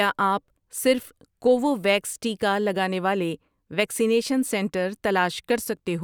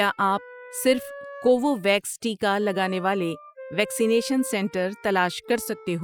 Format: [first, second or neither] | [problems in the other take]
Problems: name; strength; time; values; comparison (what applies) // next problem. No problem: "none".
first | noise reduction (classical method Wiener filter)